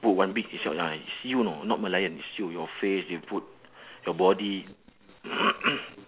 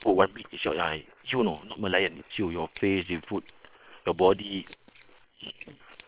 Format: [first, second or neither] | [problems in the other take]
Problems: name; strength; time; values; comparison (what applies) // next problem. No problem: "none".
first | noise reduction (neural separator model SepFormer WHAM!)